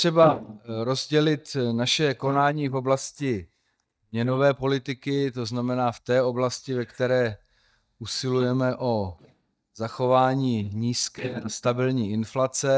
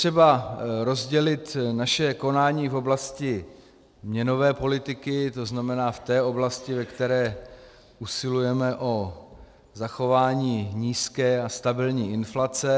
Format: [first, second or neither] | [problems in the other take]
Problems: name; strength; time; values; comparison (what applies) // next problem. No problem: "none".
second | noise reduction (neural mask model DeepFilterNet 3)